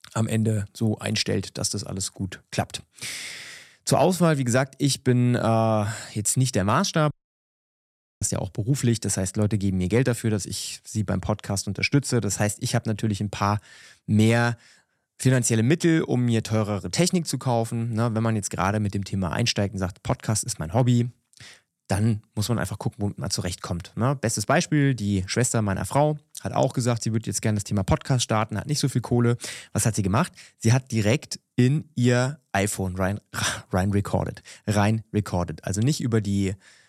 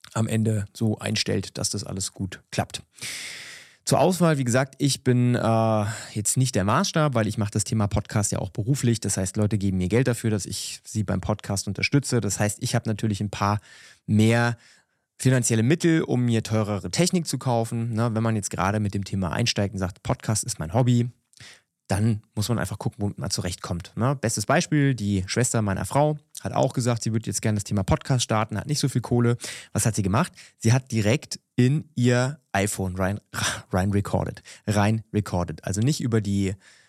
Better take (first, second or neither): second